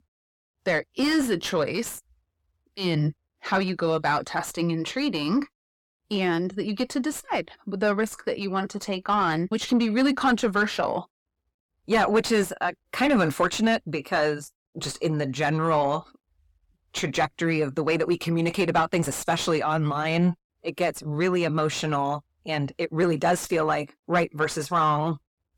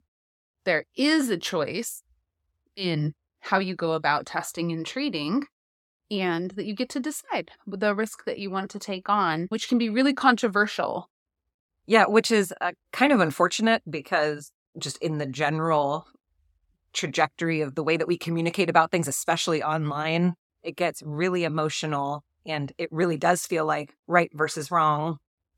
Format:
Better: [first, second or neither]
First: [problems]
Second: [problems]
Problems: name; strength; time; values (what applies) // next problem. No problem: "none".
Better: second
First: distortion; slight; 10 dB below the speech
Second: none